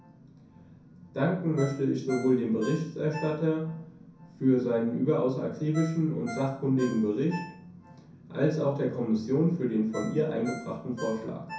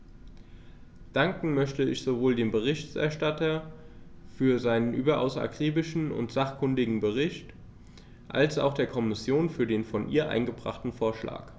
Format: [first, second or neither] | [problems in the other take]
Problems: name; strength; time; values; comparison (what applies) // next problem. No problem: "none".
second | background sound (Ringtone); 18 dB below the speech // room echo; dies away in 0.6 s